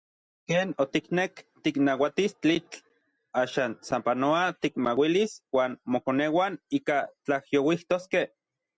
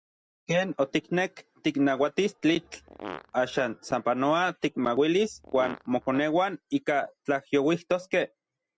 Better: first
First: none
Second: background sound (Fart); 16 dB below the speech

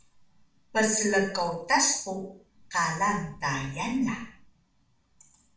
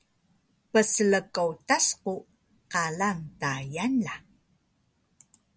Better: second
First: room echo; dies away in 0.5 s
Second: none

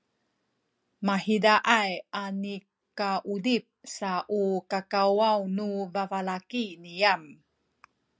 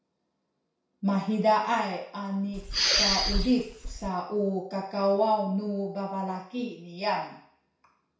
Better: first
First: none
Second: background sound (Respiratory sounds); 2 dB above the speech // room echo; dies away in 0.6 s

